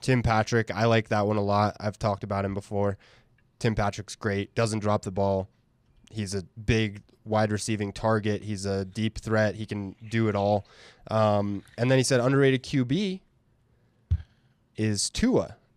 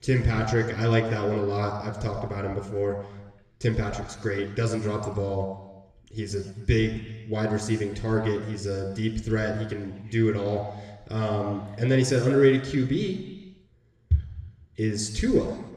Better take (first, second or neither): first